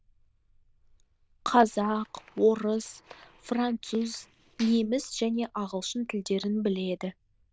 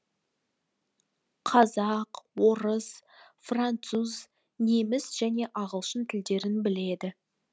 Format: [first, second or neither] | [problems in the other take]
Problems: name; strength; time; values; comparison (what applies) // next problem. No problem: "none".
second | noise reduction (neural diffusion model UNIVERSE++)